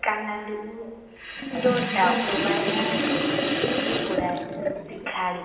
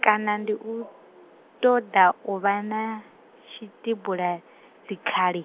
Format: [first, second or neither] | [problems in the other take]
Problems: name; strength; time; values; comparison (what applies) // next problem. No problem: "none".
second | background sound (Sink (filling or washing)); 2 dB above the speech // room echo; dies away in 1.3 s